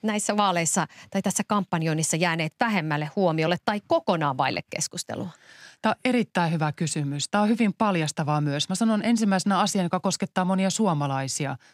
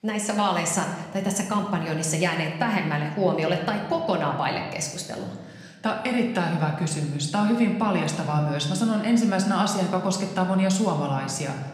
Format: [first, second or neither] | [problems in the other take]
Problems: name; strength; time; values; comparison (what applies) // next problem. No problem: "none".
first | room echo; slight; dies away in 1 s